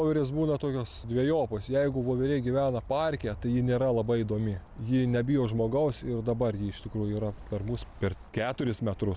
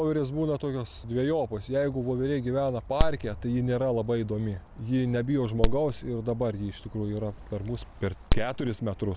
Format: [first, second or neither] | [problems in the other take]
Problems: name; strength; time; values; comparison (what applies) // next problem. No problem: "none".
first | background sound (Crack); 1 dB below the speech